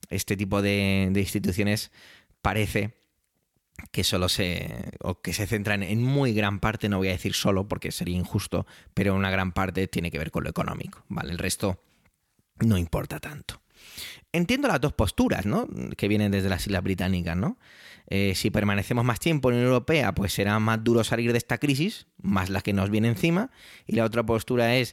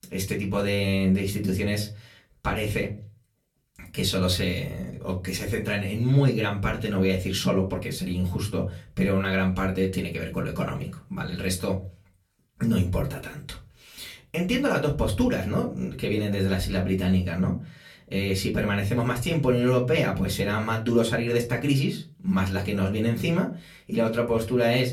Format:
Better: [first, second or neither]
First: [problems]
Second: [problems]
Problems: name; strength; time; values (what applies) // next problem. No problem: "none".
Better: first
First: none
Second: off-mic speech; far // room echo; very slight; dies away in 0.3 s